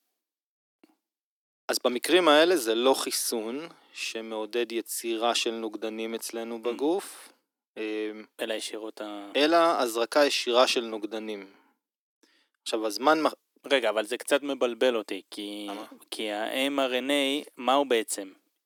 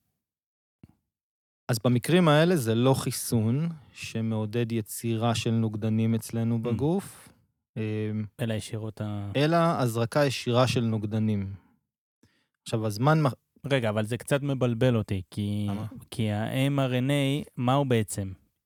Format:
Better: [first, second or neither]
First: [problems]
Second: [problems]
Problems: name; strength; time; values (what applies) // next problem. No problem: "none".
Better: second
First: thin; somewhat; fading below 300 Hz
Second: none